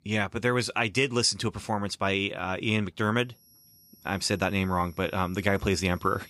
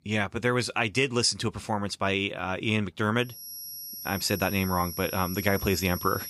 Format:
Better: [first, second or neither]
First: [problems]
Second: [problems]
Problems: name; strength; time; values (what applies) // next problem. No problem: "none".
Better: first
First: high-pitched whine; faint; from 3.5 s on; 11.5 kHz, 25 dB below the speech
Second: high-pitched whine; loud; from 3.5 s on; 11.5 kHz, 9 dB below the speech